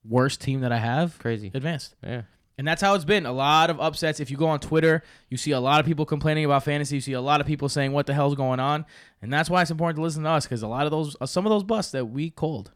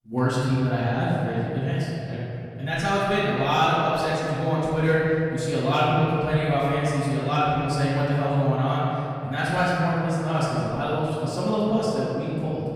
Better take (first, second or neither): first